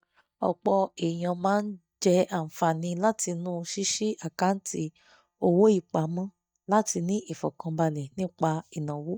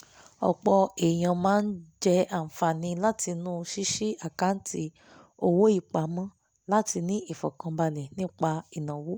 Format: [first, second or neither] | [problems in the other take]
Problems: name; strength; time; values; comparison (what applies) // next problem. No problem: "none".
second | noise reduction (neural mask model DeepFilterNet 3)